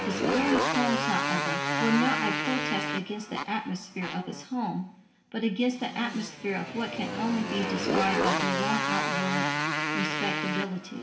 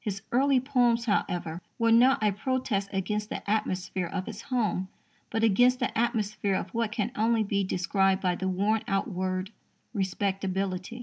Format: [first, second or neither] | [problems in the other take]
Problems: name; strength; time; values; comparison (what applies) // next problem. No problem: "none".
second | background sound (Motorcycle); as loud as the speech // room echo; dies away in 0.7 s